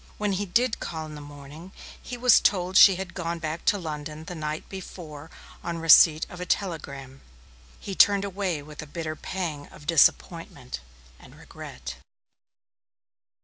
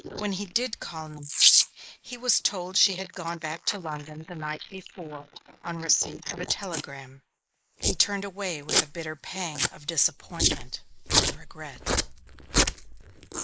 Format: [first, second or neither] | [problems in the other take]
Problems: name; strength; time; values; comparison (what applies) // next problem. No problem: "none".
first | noise reduction (neural mask model Resemble Enhance denoiser)